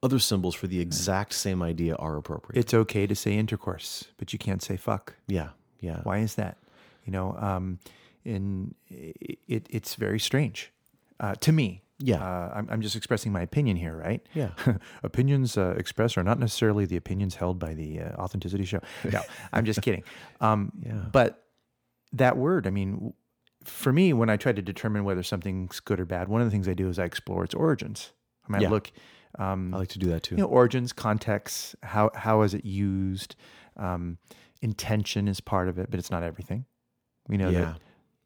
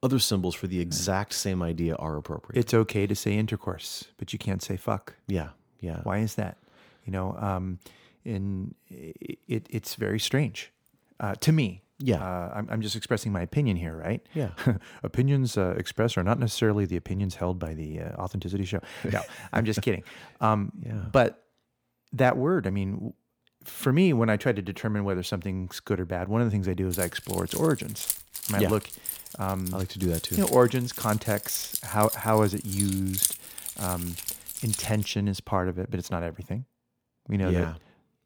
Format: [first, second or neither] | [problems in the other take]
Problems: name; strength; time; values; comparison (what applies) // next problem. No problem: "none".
first | jangling keys; loud; from 27 to 35 s; peak 3 dB above the speech